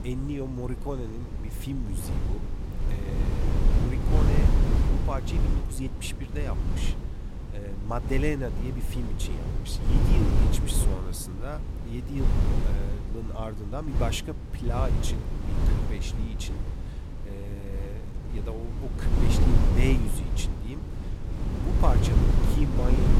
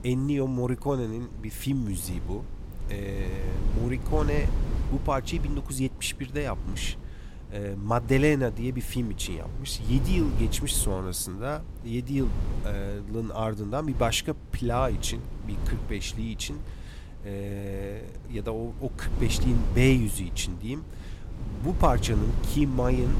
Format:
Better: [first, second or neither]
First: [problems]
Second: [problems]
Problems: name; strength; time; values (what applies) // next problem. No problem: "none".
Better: second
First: wind noise on the microphone; heavy; 2 dB below the speech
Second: wind noise on the microphone; occasional gusts; 15 dB below the speech